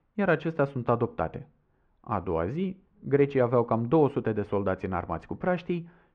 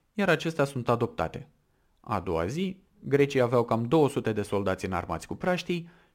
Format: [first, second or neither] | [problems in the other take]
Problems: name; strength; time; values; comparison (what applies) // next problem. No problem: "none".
second | muffled; very; fading above 1.5 kHz